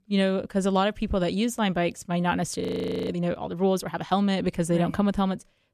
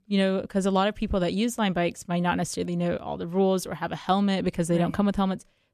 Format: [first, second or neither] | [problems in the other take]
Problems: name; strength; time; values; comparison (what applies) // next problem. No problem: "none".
second | audio freezing; at 2.5 s